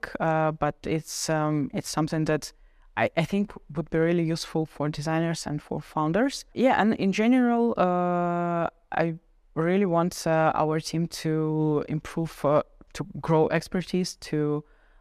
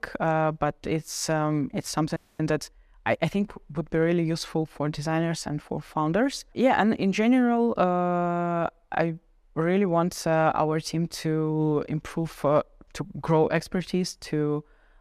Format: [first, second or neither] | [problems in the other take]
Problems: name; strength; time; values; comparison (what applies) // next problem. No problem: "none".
first | audio freezing; at 2 s